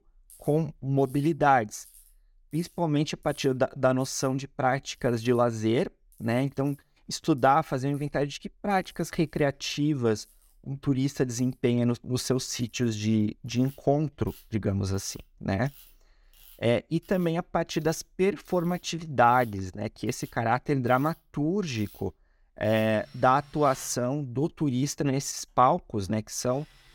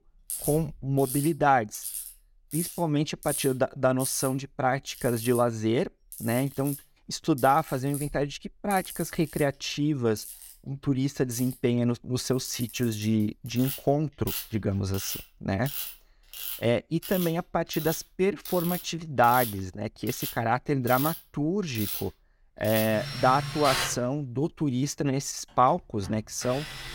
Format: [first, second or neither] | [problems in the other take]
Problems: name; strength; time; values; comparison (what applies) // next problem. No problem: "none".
first | machinery noise; loud; throughout; 8 dB below the speech; faint in the first